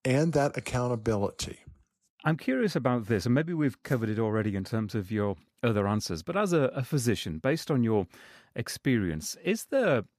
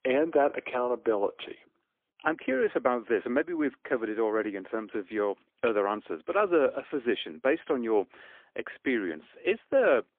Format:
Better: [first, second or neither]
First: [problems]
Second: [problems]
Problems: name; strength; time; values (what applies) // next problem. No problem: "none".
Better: first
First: none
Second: phone-call audio; poor line; nothing above 3.5 kHz